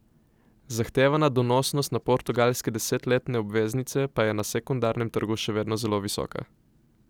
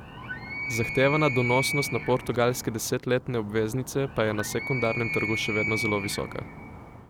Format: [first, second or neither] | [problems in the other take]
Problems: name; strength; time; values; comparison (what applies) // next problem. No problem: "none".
first | background sound (Animal); 6 dB below the speech